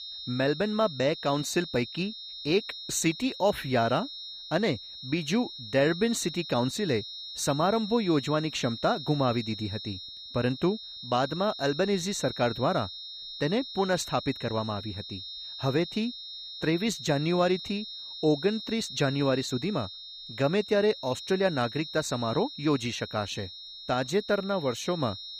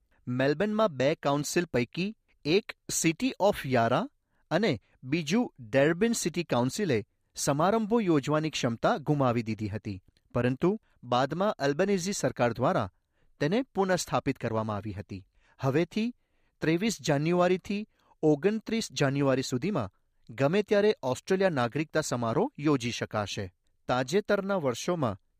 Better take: second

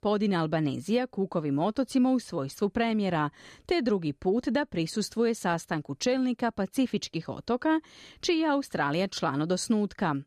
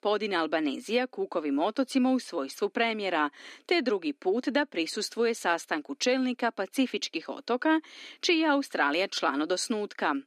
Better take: first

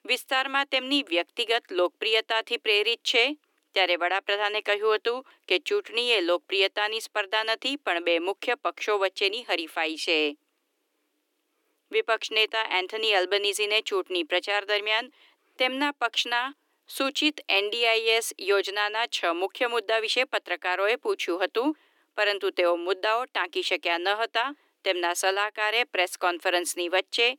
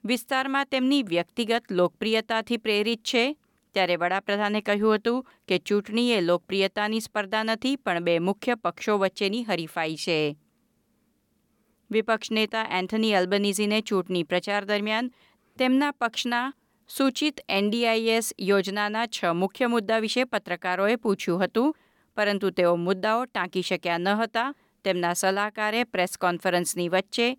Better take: second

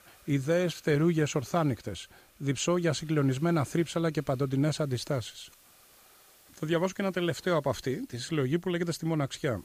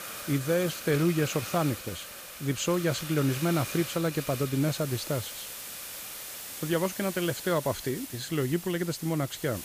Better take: first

